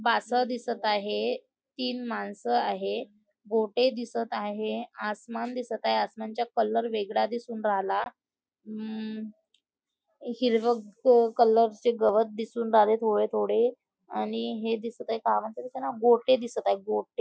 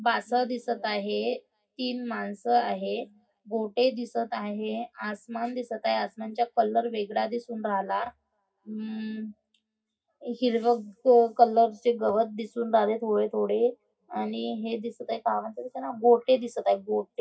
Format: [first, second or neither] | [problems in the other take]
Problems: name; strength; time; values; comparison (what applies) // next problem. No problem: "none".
first | room echo; dies away in 0.4 s